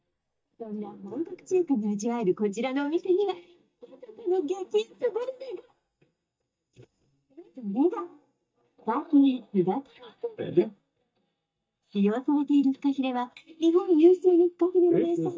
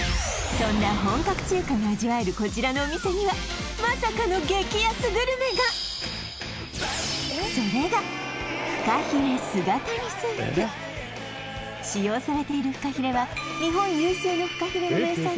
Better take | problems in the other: second | noise reduction (neural mask model DeepFilterNet 3)

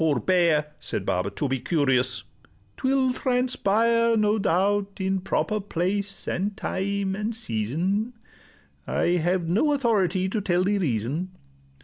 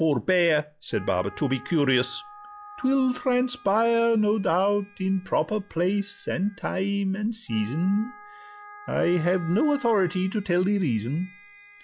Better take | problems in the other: first | noise reduction (classical method log-MMSE)

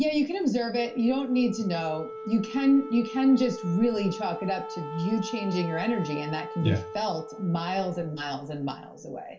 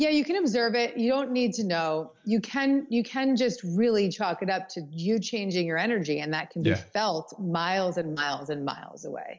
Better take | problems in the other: second | background sound (Wind instrument, woodwind instrument); 12 dB below the speech // room echo; dies away in 0.2 s

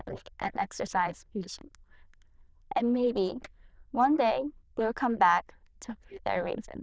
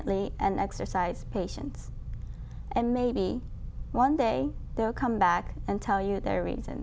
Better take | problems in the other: second | noise reduction (neural diffusion model UNIVERSE++)

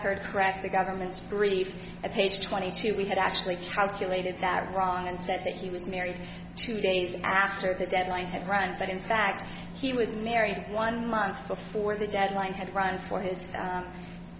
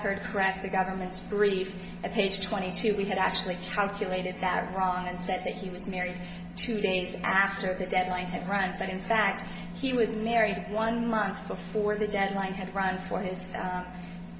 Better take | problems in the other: first | room echo; dies away in 1.9 s

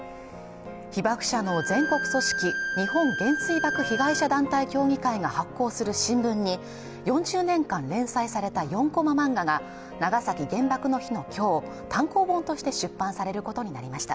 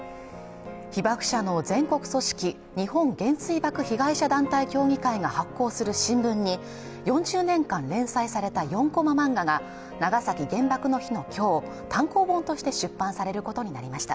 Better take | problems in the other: second | background sound (Bowed string instrument); 4 dB below the speech

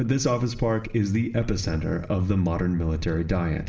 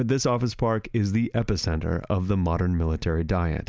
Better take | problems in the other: second | room echo; dies away in 1.3 s

